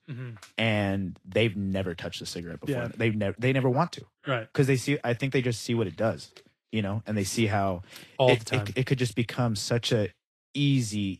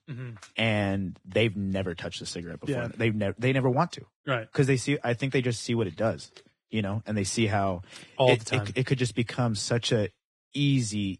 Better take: first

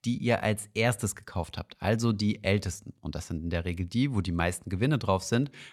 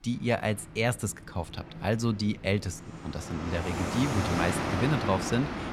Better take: first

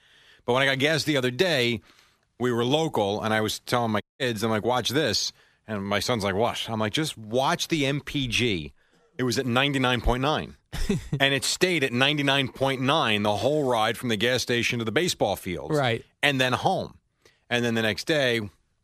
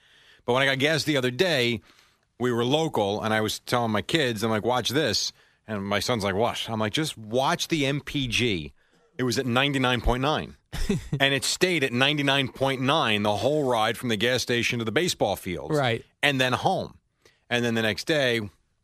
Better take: second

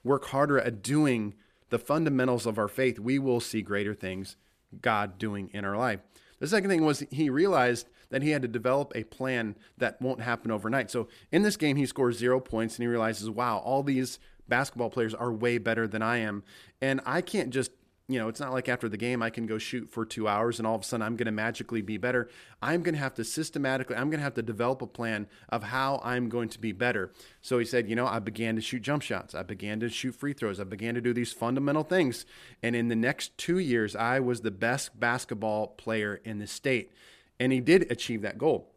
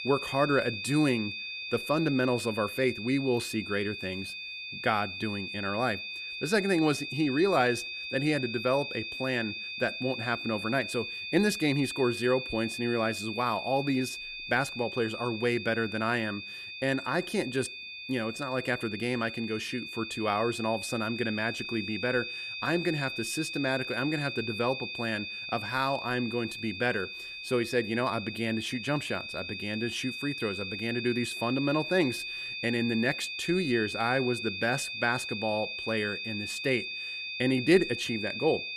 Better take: first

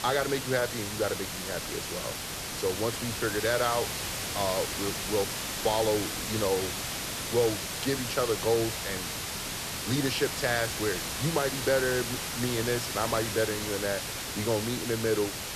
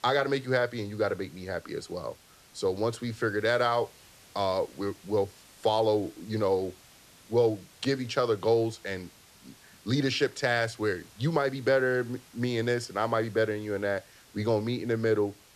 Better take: second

